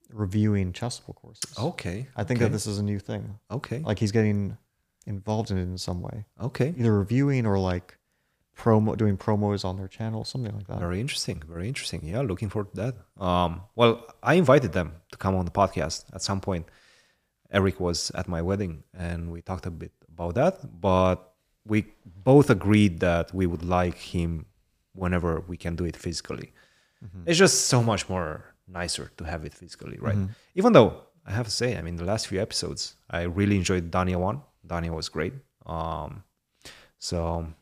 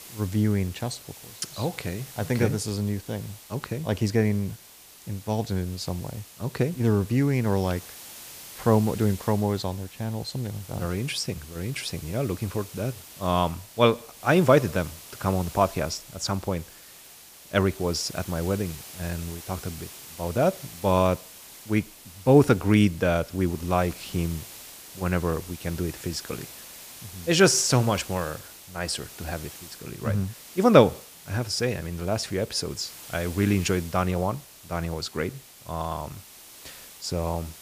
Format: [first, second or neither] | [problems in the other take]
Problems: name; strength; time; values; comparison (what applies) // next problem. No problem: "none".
first | hiss; noticeable; throughout; 15 dB below the speech